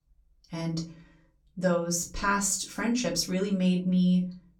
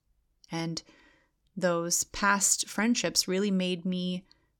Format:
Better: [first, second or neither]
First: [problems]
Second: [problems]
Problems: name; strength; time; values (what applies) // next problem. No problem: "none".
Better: second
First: off-mic speech; far // room echo; slight; dies away in 0.5 s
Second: none